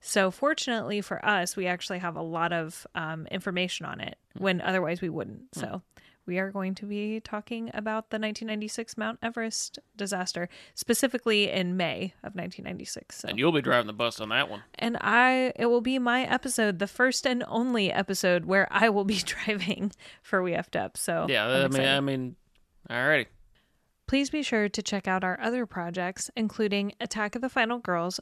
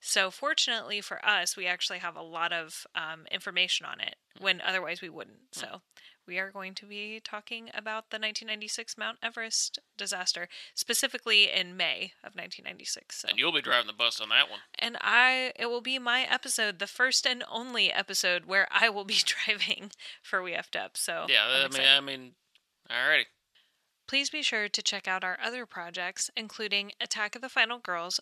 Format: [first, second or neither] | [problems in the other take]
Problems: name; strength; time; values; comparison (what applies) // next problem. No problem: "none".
first | thin; somewhat; fading below 1 kHz